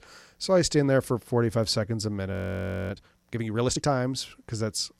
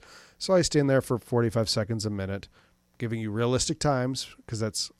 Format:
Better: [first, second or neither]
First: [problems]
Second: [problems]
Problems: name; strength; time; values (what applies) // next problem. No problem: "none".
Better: second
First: audio freezing; at 2.5 s for 0.5 s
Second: none